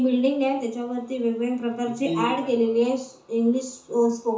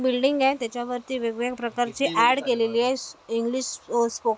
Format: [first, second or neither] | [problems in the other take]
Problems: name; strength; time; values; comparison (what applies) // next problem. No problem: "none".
second | room echo; dies away in 0.6 s